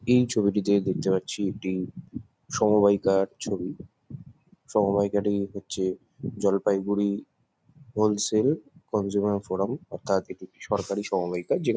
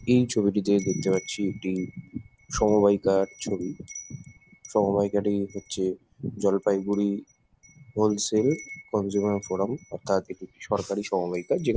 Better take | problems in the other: first | background sound (Wind chime); 18 dB below the speech

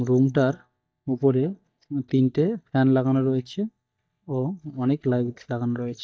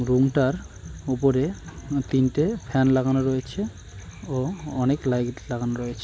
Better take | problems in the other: second | noise reduction (neural mask model DeepFilterNet 3)

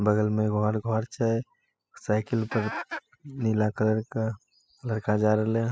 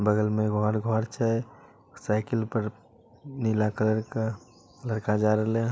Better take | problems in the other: second | noise reduction (classical method spectral subtraction)

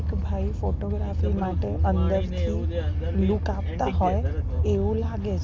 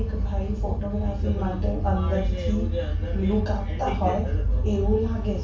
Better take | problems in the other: first | room echo; dies away in 0.3 s

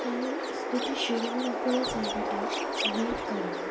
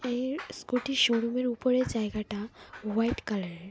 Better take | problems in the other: second | background sound (Chirp, tweet); 1 dB above the speech // room echo; dies away in 0.3 s

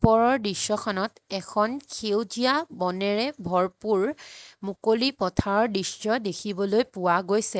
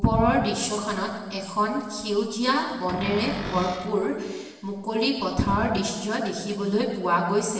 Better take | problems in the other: first | background sound (Cupboard open or close); 9 dB below the speech // room echo; dies away in 1.2 s

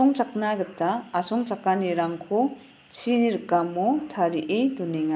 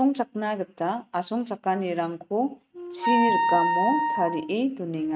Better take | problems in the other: first | noise reduction (neural mask model RNNoise)

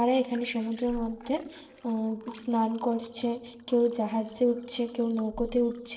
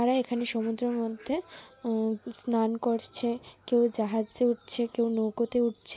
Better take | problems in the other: second | noise reduction (neural separator model SepFormer DNS4)

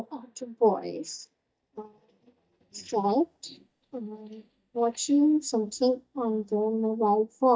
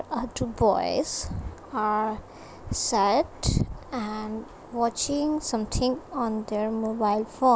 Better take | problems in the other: second | noise reduction (neural mask model DeepFilterNet 3)

